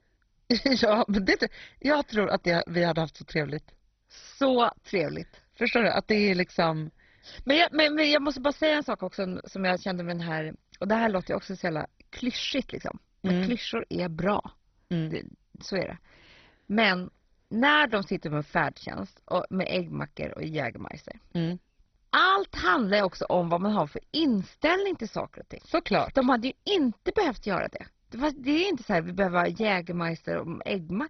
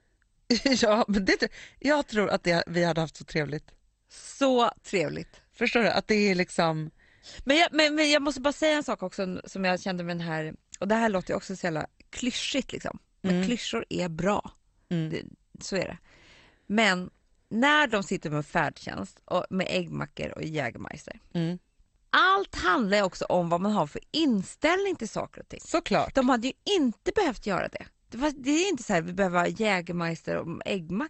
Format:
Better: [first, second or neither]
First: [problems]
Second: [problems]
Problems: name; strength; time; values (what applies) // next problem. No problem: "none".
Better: second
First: garbled, watery; badly; nothing above 5 kHz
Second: garbled, watery; slightly; nothing above 8 kHz